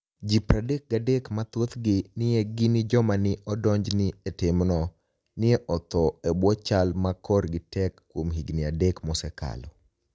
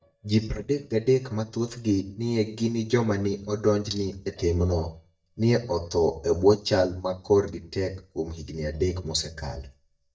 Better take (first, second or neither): first